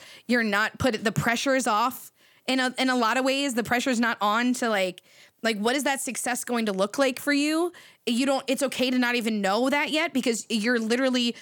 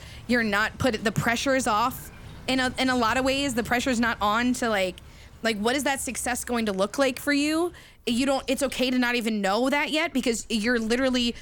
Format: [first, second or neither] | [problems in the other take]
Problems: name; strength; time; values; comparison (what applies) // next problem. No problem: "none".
first | rain or running water; faint; throughout; 20 dB below the speech